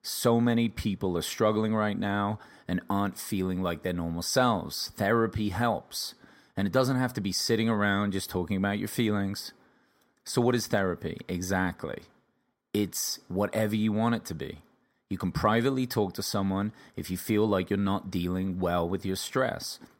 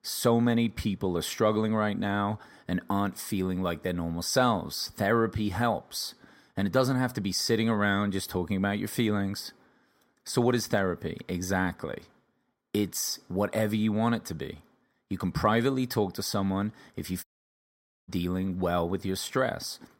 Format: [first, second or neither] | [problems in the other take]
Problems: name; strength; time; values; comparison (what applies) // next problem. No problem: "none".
first | audio cutting out; at 17 s for 1 s